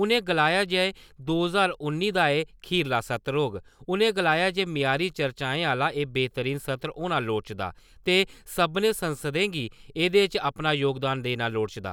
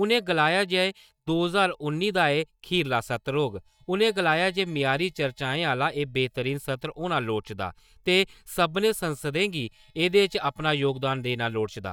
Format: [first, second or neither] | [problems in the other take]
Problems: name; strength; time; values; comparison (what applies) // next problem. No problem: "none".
first | noise reduction (neural mask model DeepFilterNet 3)